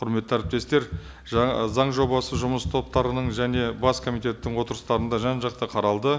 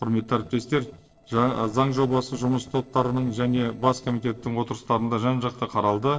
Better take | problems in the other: first | noise reduction (neural separator model SepFormer DNS4)

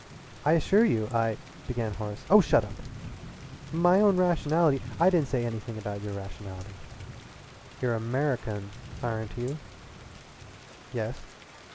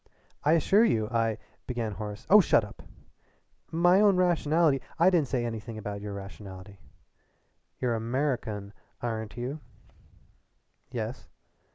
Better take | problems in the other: second | background sound (Thunder / Rain); 15 dB below the speech

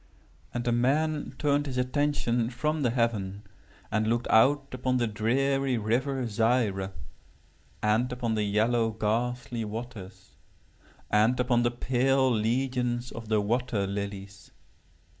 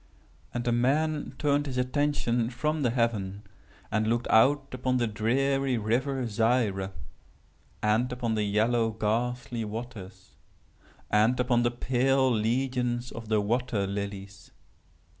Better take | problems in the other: second | noise reduction (neural mask model Resemble Enhance denoiser)

